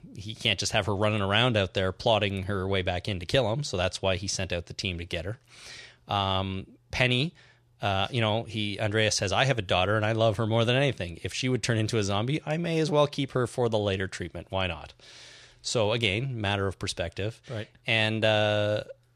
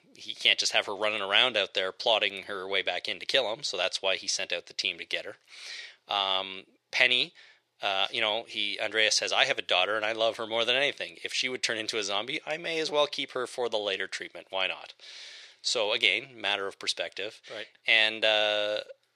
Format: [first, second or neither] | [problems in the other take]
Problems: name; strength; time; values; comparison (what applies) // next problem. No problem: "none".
first | thin; very; fading below 500 Hz